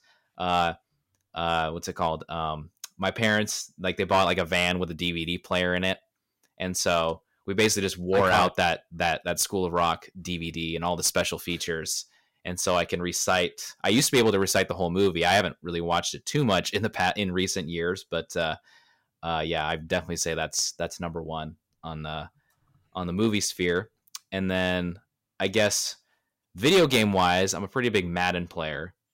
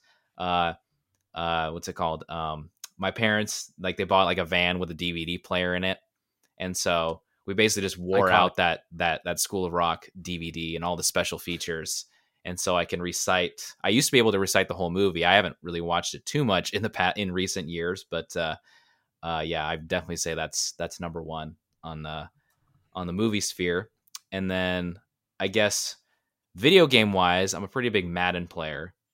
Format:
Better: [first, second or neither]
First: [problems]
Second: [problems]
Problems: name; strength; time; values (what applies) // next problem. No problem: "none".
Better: second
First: distortion; slight; 1.8% of the sound clipped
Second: none